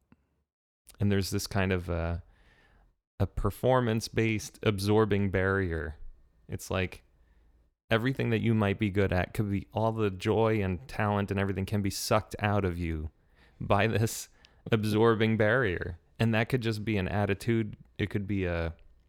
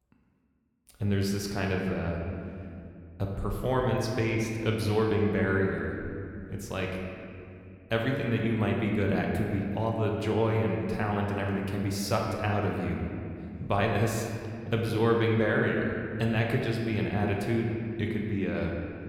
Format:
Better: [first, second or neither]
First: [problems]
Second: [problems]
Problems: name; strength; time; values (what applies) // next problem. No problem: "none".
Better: first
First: none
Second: room echo; noticeable; dies away in 2.3 s // off-mic speech; somewhat distant